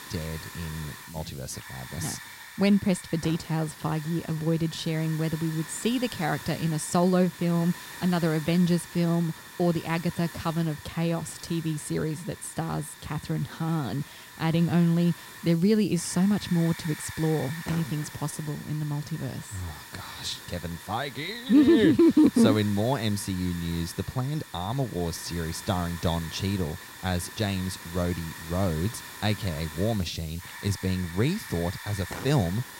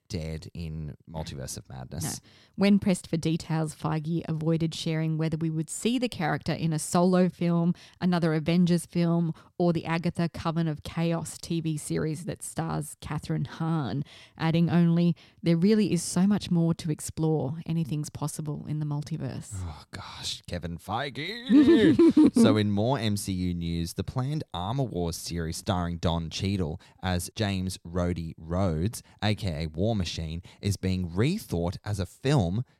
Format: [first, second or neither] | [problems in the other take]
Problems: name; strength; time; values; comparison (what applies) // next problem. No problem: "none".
second | hiss; noticeable; throughout; 15 dB below the speech